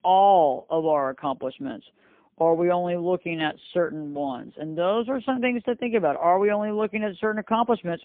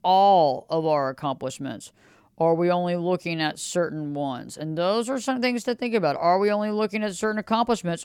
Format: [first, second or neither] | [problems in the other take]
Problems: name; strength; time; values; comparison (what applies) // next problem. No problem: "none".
second | phone-call audio; poor line